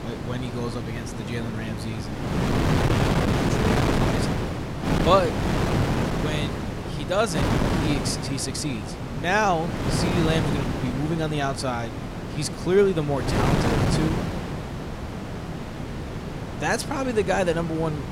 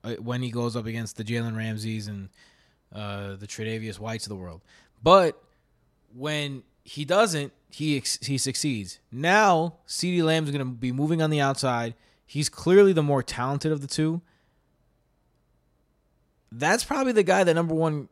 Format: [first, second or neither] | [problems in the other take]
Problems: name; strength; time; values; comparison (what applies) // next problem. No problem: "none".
second | wind noise on the microphone; heavy; 3 dB below the speech